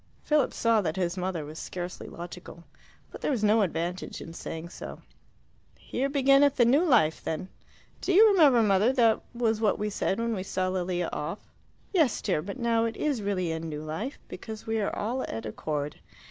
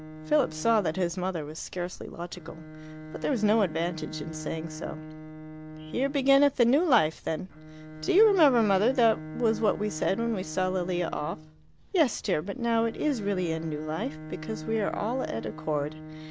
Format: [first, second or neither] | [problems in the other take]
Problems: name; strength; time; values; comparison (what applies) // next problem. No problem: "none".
first | background sound (Bowed string instrument); 13 dB below the speech